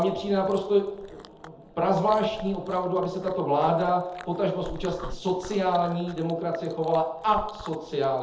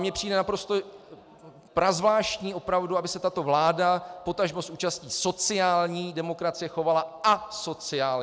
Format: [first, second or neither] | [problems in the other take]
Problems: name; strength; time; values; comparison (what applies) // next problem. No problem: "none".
second | background sound (Chewing, mastication); 18 dB below the speech // room echo; dies away in 0.7 s